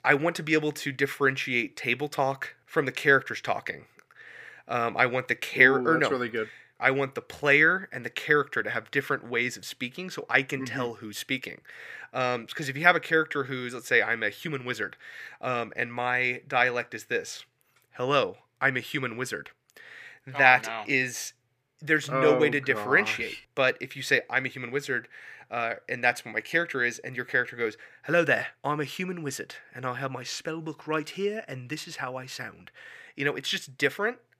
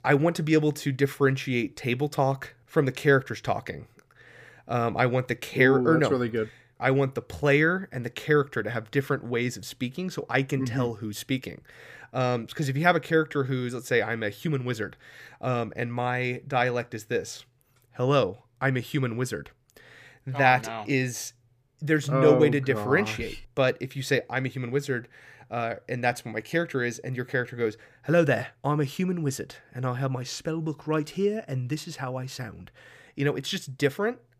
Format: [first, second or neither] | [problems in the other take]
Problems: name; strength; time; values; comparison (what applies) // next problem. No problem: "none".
second | thin; somewhat; fading below 350 Hz